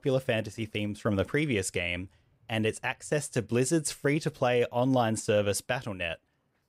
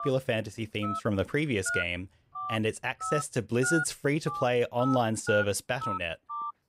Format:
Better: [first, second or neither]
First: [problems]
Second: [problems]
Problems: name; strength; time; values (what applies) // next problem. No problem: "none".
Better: first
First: none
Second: phone ringing; noticeable; peak 1 dB below the speech